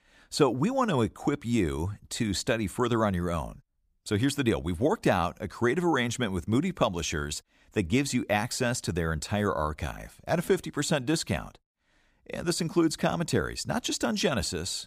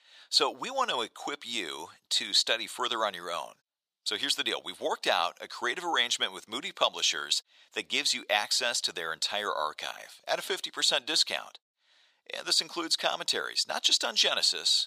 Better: first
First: none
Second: thin; very; fading below 700 Hz

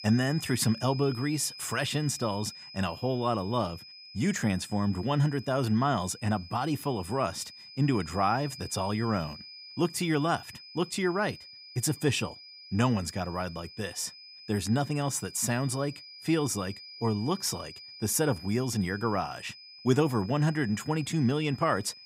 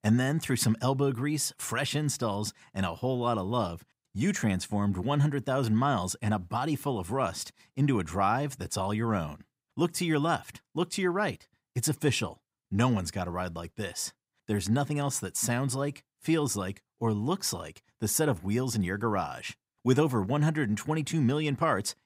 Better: second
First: high-pitched whine; noticeable; throughout; 5 kHz, 15 dB below the speech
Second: none

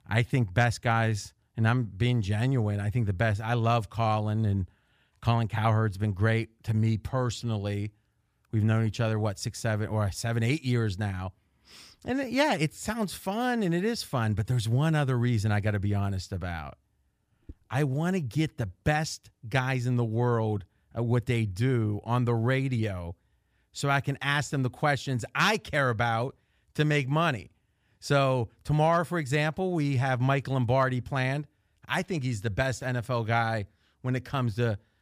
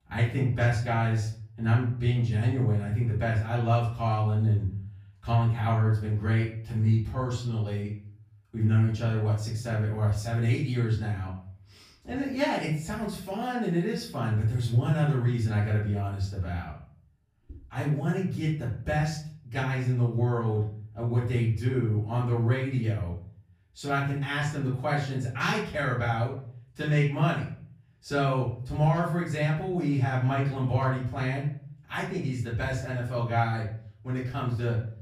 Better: first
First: none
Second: room echo; noticeable; dies away in 0.5 s // off-mic speech; far

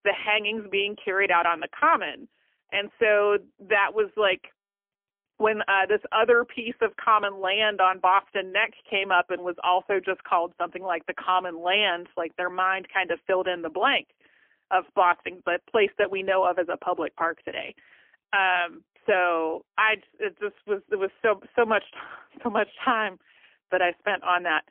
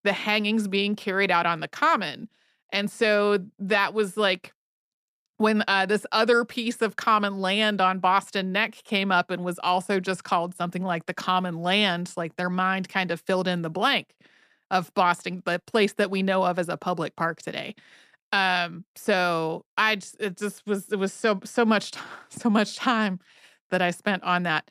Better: second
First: phone-call audio; poor line; nothing above 3 kHz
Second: none

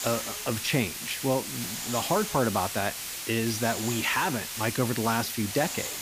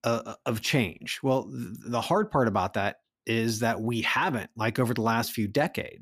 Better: second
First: hiss; loud; throughout; 4 dB below the speech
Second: none

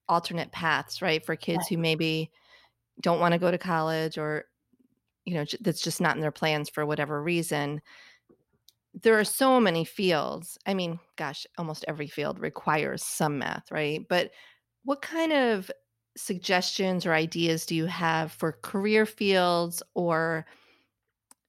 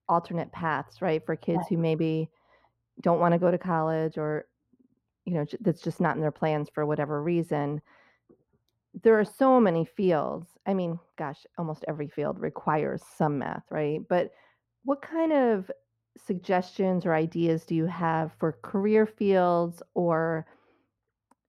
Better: first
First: none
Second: muffled; very; fading above 2 kHz

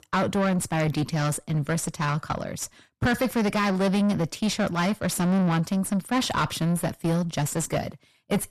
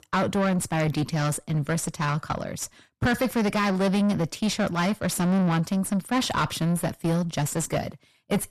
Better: neither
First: distortion; heavy; 6 dB below the speech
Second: distortion; heavy; 6 dB below the speech

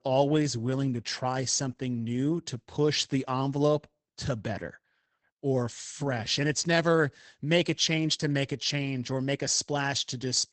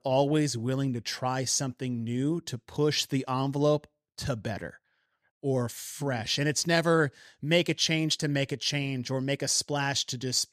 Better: second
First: garbled, watery; badly; nothing above 8 kHz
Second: none

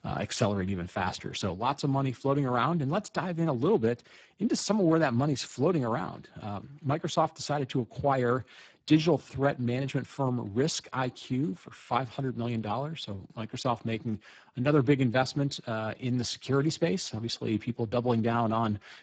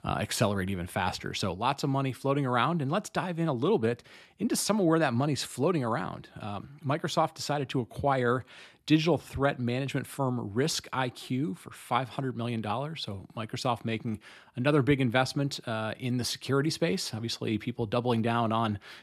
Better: second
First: garbled, watery; badly; nothing above 7.5 kHz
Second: none

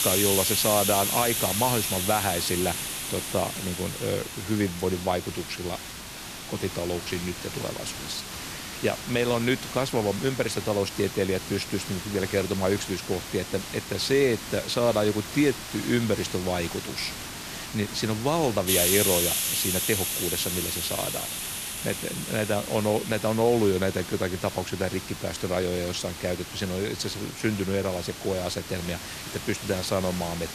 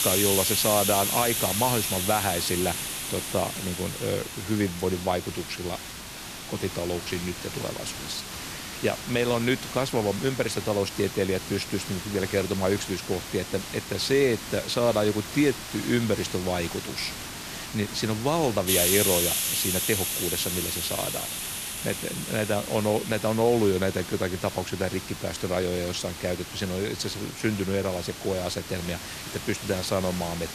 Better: neither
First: hiss; loud; throughout; 3 dB below the speech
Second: hiss; loud; throughout; 3 dB below the speech

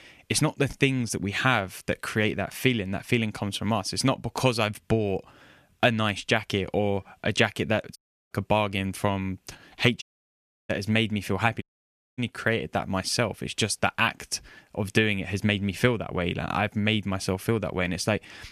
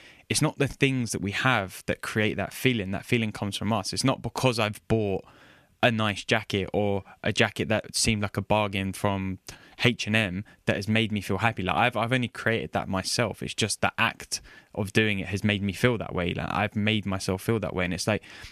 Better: second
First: audio cutting out; at 8 s, at 10 s for 0.5 s and at 12 s for 0.5 s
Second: none

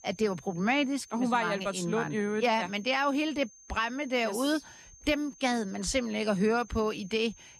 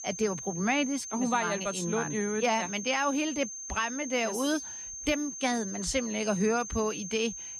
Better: first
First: high-pitched whine; faint; throughout; 6.5 kHz, 25 dB below the speech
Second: high-pitched whine; loud; throughout; 6.5 kHz, 7 dB below the speech

